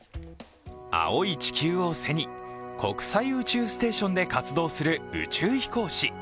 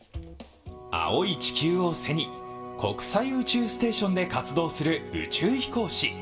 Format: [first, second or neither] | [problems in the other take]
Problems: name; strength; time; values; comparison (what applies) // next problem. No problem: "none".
first | room echo; dies away in 0.7 s